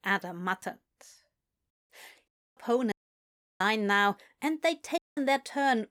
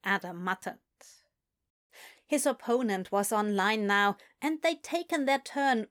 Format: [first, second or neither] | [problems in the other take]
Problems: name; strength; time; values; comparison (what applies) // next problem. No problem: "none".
second | audio cutting out; at 2.5 s, at 3 s for 0.5 s and at 5 s